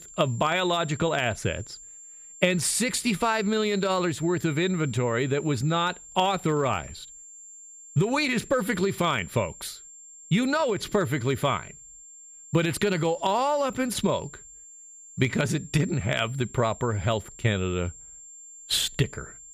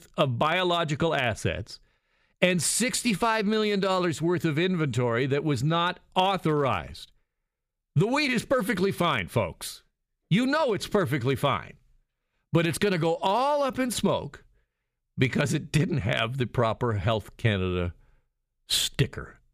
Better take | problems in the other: second | high-pitched whine; noticeable; throughout; 7.5 kHz, 20 dB below the speech

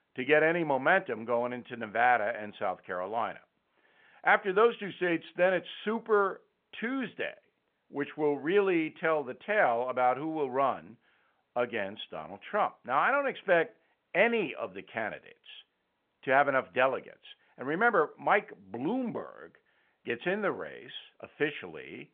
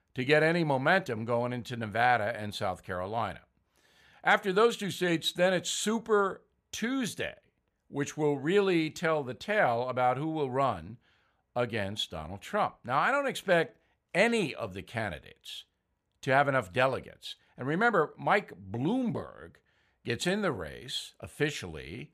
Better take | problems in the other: second | phone-call audio; nothing above 3.5 kHz

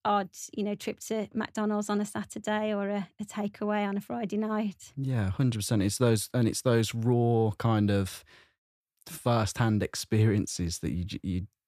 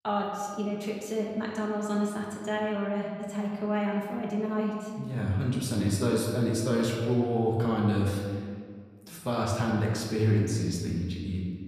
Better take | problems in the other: first | room echo; noticeable; dies away in 1.6 s // off-mic speech; far

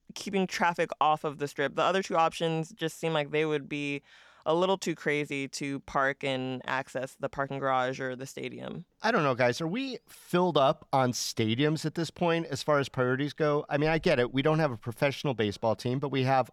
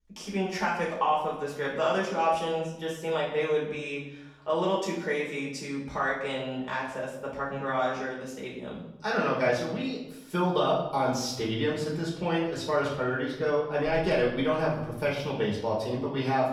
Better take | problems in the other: first | off-mic speech; far // room echo; noticeable; dies away in 0.7 s

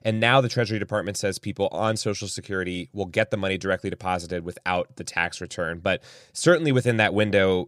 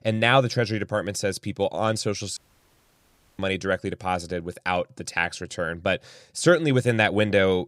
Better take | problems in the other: first | audio cutting out; at 2.5 s for 1 s

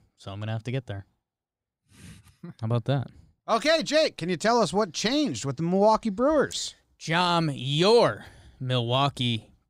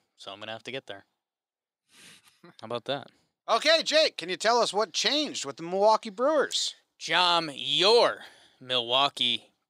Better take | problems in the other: first | thin; somewhat; fading below 400 Hz

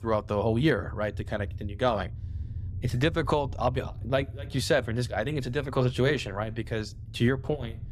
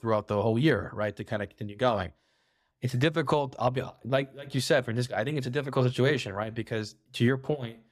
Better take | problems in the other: second | low rumble; faint; throughout; 25 dB below the speech

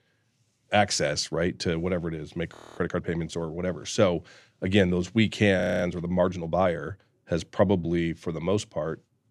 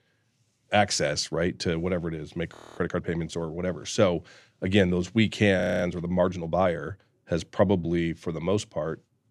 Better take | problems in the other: neither | audio freezing; at 2.5 s and at 5.5 s; the same in both

